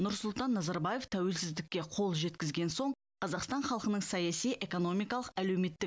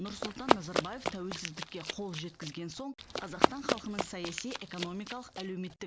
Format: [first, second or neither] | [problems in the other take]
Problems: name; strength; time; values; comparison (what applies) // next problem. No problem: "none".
first | background sound (Run); 5 dB above the speech